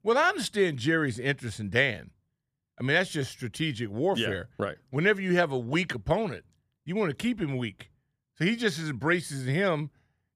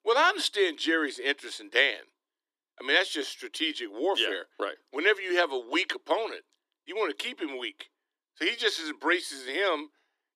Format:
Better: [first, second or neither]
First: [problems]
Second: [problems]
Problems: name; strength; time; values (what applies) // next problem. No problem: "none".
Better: first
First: none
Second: thin; very; fading below 300 Hz